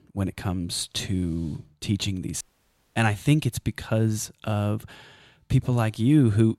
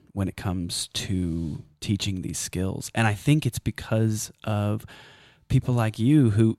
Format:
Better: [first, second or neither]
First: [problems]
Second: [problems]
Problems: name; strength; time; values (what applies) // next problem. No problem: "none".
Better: second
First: audio cutting out; at 2.5 s for 0.5 s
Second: none